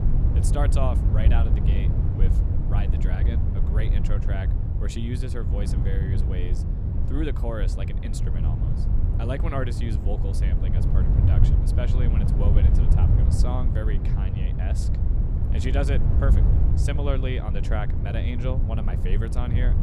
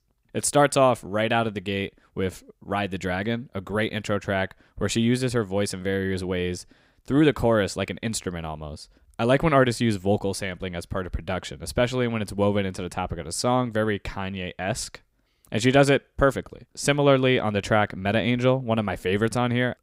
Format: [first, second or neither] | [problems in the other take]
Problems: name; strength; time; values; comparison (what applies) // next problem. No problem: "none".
second | wind noise on the microphone; heavy; 2 dB below the speech